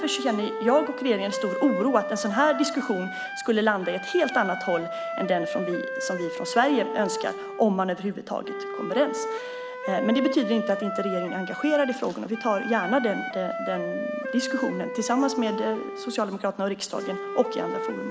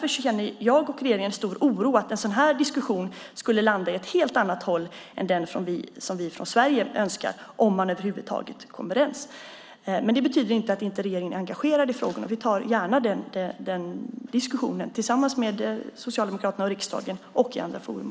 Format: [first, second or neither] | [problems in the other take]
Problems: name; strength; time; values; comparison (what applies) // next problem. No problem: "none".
second | background sound (Wind instrument, woodwind instrument); 6 dB below the speech